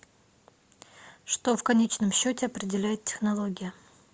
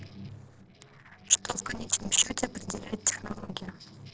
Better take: first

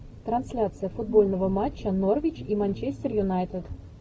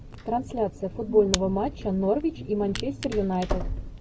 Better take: first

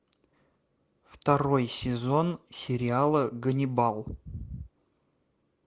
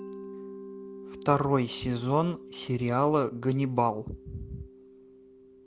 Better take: first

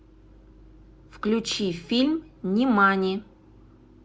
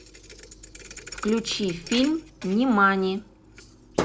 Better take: first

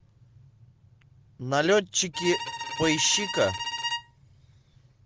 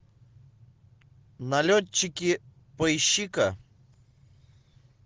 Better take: second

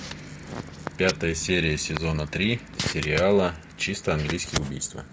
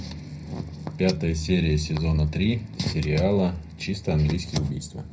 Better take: first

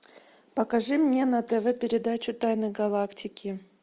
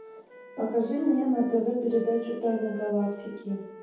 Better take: first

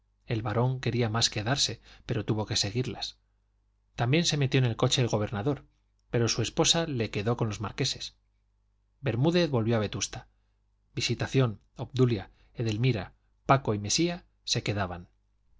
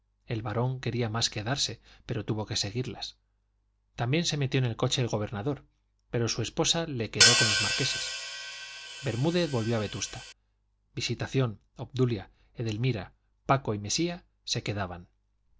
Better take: first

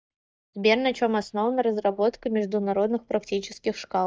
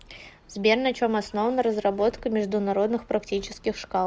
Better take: second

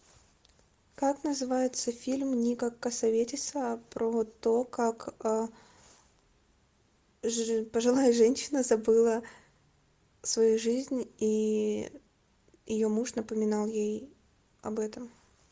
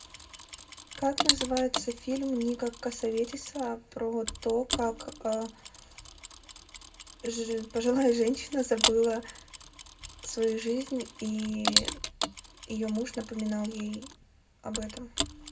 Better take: first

